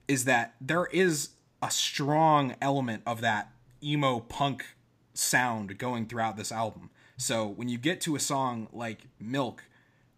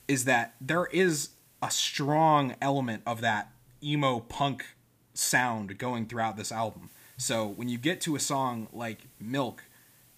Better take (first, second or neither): first